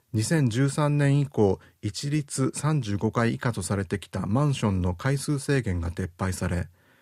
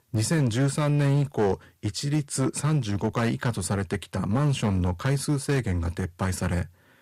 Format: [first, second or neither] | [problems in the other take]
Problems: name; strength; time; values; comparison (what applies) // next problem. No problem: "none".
first | distortion; slight; 8% of the sound clipped